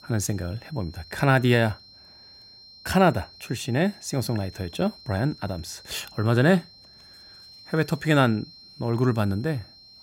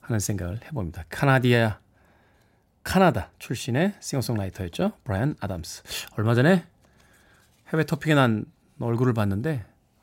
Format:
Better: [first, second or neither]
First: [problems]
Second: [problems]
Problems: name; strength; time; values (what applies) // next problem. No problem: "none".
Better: second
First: high-pitched whine; faint; throughout; 4 kHz, 20 dB below the speech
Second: none